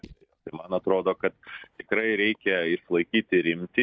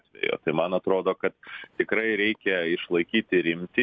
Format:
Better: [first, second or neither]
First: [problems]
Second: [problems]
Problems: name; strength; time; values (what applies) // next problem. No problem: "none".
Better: second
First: noise reduction (neural mask model DeepFilterNet 3)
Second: none